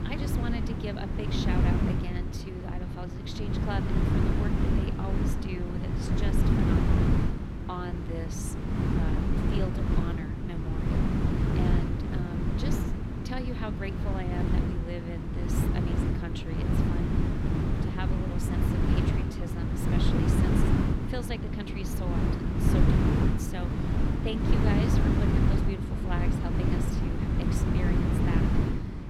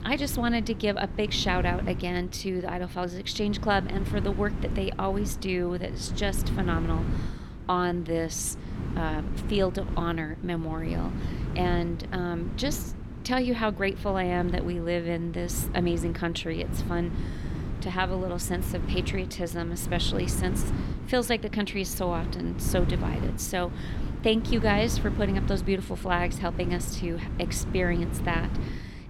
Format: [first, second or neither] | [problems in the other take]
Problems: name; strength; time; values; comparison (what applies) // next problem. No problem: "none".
second | wind noise on the microphone; heavy; 5 dB above the speech; occasional gusts in the second